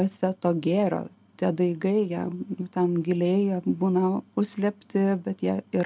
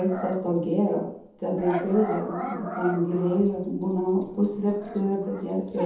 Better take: first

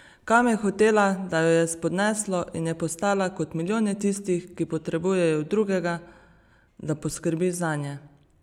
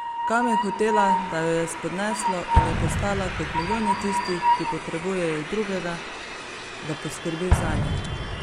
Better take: first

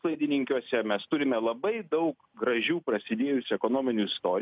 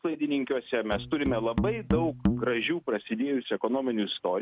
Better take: first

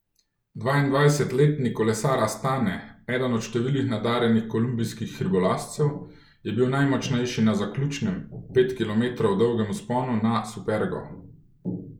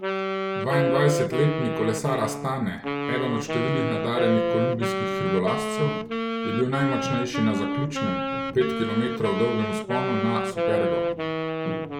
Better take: first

